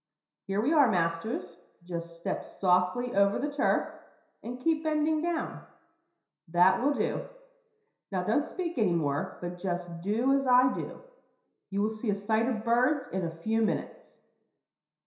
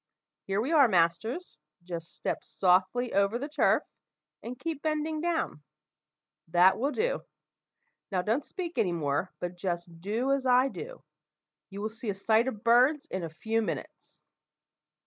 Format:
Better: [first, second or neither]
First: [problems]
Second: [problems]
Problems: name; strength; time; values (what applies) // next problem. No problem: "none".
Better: second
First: room echo; dies away in 0.7 s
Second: none